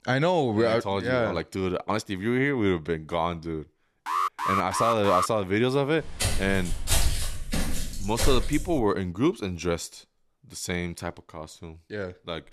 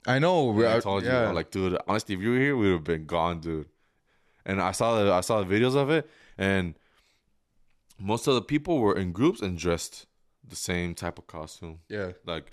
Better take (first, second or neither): second